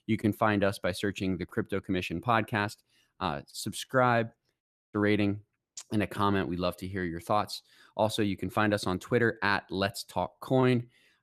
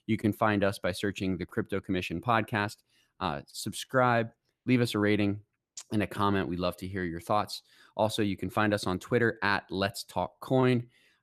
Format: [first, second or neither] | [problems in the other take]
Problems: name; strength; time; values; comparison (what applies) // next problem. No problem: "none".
second | audio cutting out; at 4.5 s